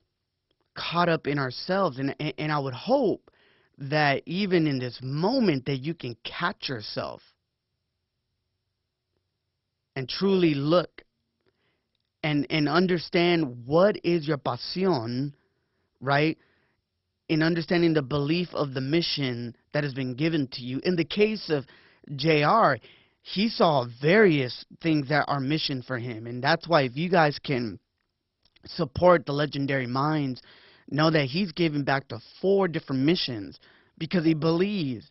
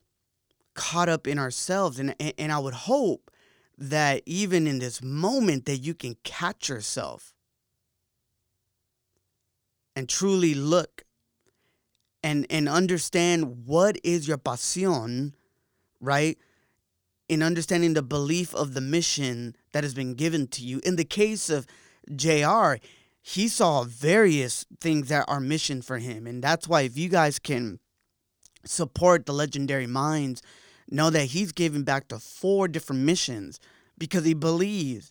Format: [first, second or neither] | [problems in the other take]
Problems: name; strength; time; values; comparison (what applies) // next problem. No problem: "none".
second | garbled, watery; badly; nothing above 5.5 kHz